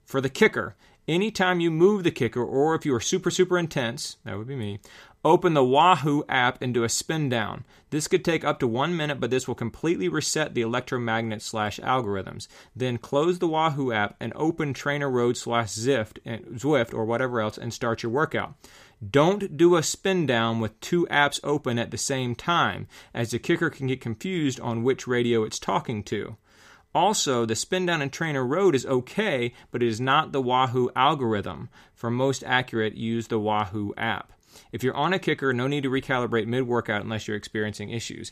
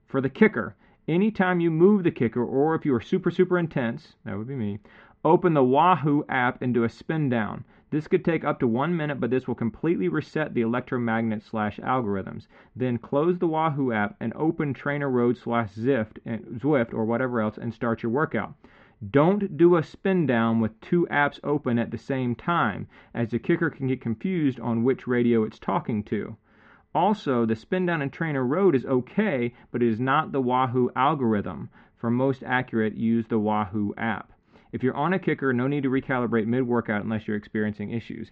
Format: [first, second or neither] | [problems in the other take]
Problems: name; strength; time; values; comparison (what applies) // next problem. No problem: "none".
first | muffled; very; fading above 2.5 kHz